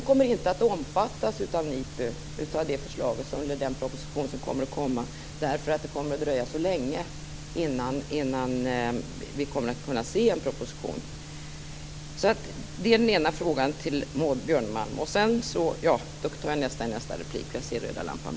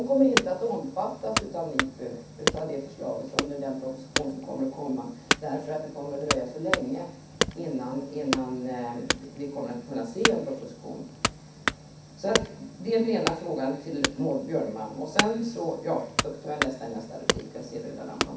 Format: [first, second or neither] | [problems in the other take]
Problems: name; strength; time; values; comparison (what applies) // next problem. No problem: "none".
first | background sound (Wood / Domestic sounds, home sounds); 2 dB below the speech // room echo; dies away in 0.7 s